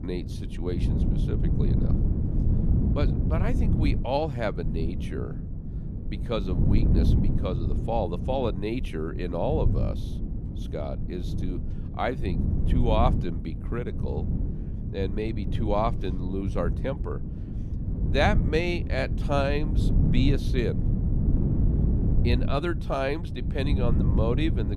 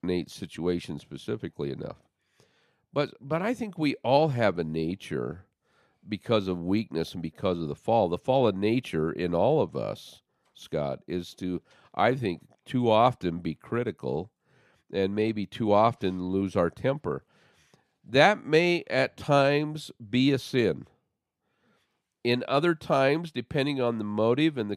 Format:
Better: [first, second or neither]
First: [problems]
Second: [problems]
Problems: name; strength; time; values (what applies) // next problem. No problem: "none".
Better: second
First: wind noise on the microphone; heavy; 8 dB below the speech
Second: none